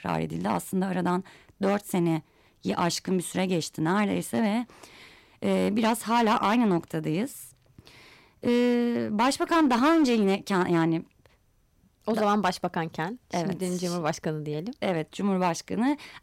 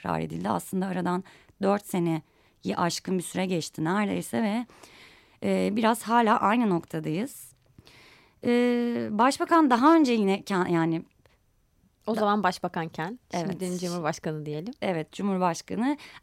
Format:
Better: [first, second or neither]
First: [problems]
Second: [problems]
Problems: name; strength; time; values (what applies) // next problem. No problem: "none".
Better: second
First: distortion; slight; 4% of the sound clipped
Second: none